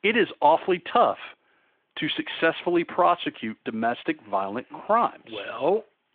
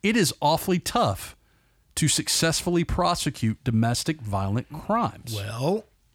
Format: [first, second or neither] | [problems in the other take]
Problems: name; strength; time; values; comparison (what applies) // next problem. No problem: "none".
second | phone-call audio; nothing above 3.5 kHz